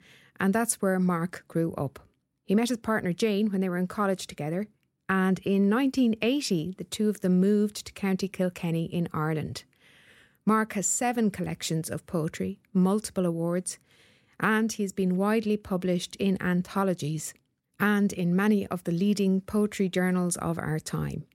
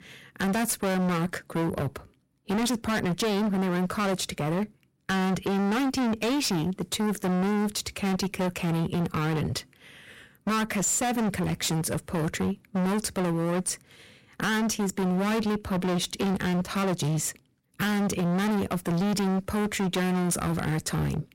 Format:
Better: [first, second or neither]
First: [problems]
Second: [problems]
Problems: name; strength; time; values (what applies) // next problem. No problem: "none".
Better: first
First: none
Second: distortion; heavy; 35% of the sound clipped